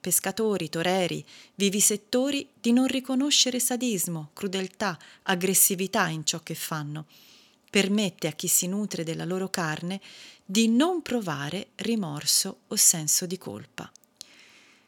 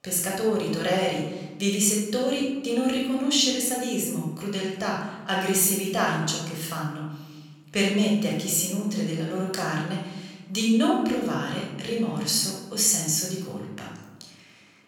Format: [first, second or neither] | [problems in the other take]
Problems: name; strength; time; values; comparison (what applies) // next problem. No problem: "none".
first | off-mic speech; far // room echo; noticeable; dies away in 1.1 s